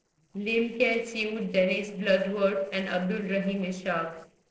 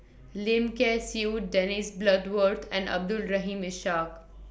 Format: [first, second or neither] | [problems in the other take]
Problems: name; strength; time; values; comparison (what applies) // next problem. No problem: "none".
second | noise reduction (neural separator model SepFormer DNS4)